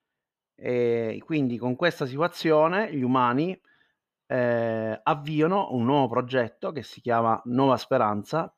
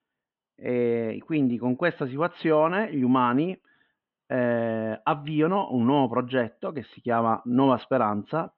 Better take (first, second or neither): first